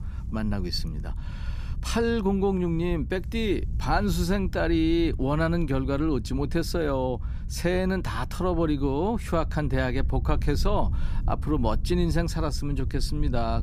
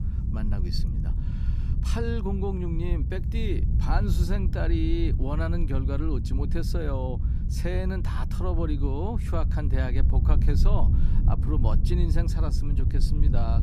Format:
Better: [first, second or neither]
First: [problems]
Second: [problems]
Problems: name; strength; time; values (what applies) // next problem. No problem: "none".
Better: first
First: low rumble; faint; throughout; 20 dB below the speech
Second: low rumble; loud; throughout; 7 dB below the speech